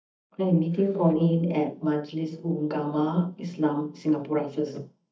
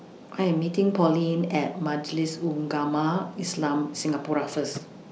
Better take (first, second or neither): second